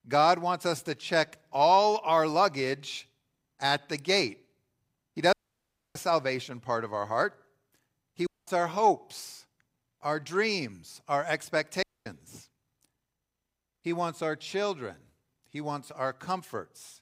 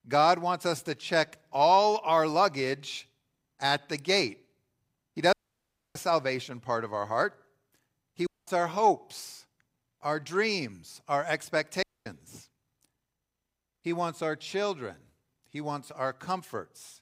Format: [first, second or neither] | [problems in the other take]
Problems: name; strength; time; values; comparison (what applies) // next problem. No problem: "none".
neither | audio cutting out; at 5.5 s for 0.5 s, at 8.5 s and at 12 s; the same in both